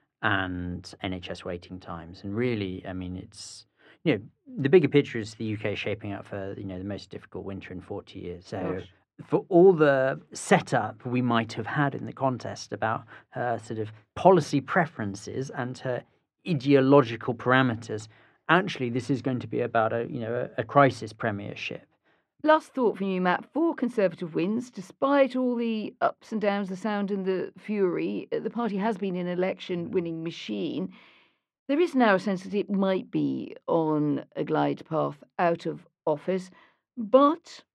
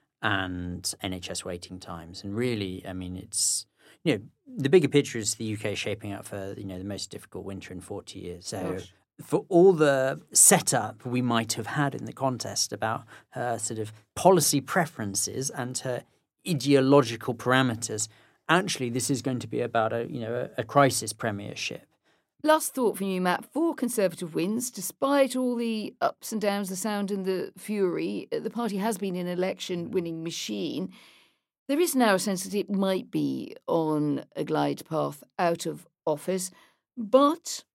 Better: second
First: muffled; very; fading above 2.5 kHz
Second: none

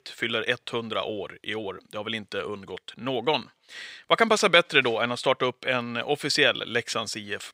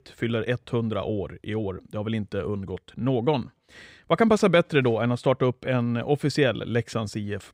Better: second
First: thin; somewhat; fading below 1 kHz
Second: none

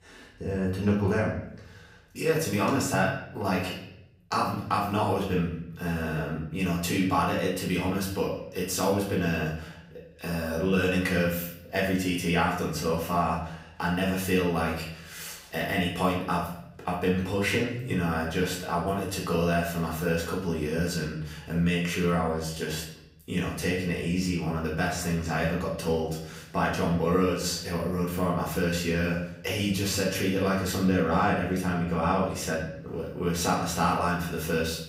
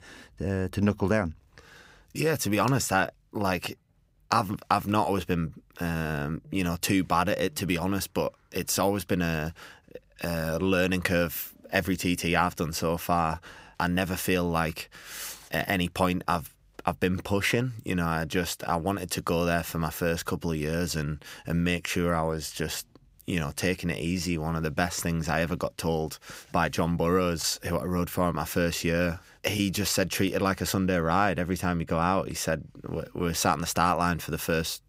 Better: second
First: off-mic speech; far // room echo; noticeable; dies away in 0.7 s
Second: none

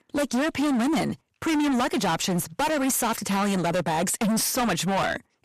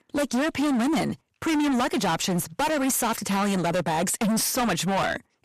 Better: neither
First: distortion; heavy; 31% of the sound clipped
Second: distortion; heavy; 31% of the sound clipped

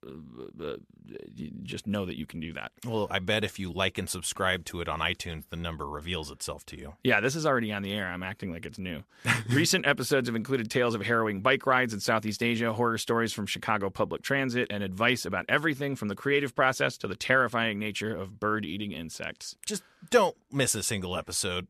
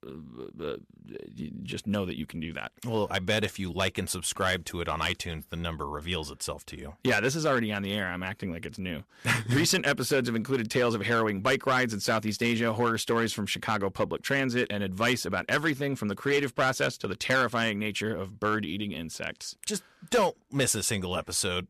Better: first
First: none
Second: distortion; slight; 3% of the sound clipped

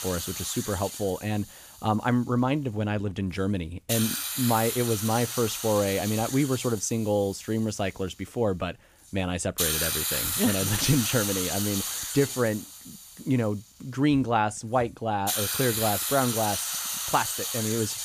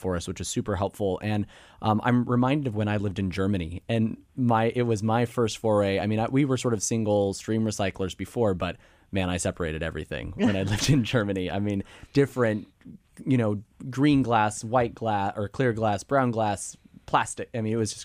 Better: second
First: hiss; loud; throughout; 1 dB below the speech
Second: none

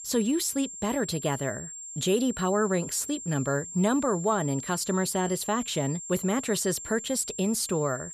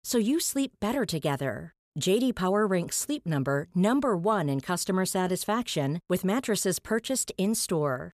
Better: second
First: high-pitched whine; loud; throughout; 7.5 kHz, 9 dB below the speech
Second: none

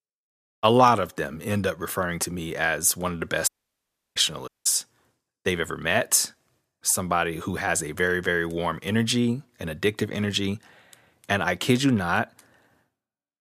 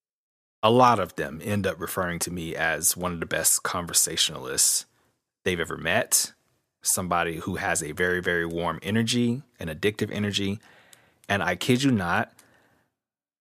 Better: second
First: audio cutting out; at 3.5 s for 0.5 s and at 4.5 s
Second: none

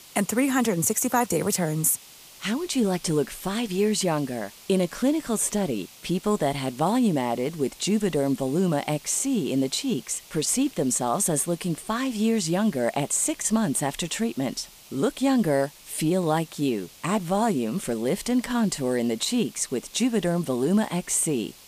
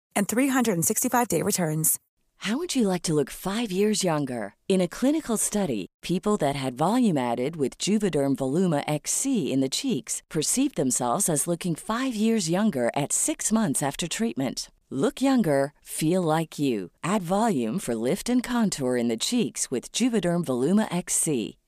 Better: second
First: hiss; faint; throughout; 20 dB below the speech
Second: none

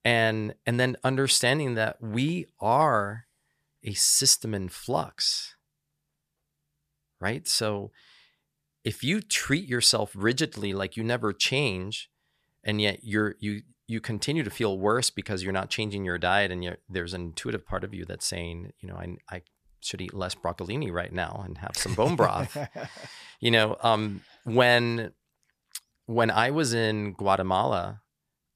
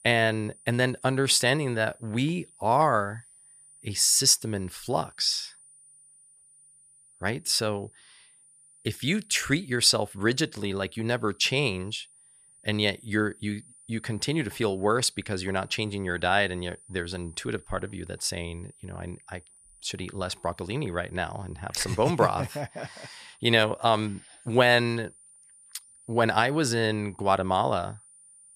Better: first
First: none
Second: high-pitched whine; faint; throughout; 9.5 kHz, 25 dB below the speech

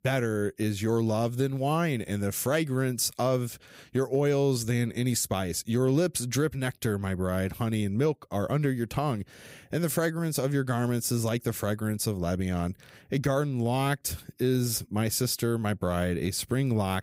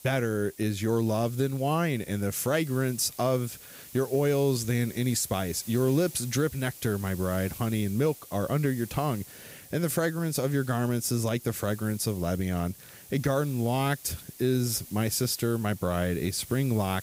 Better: first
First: none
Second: hiss; noticeable; throughout; 15 dB below the speech

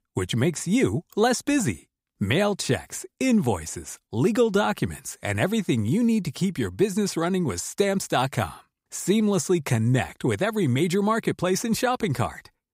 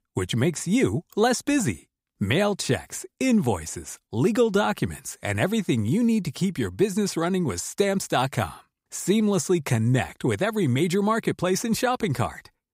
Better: neither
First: none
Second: none

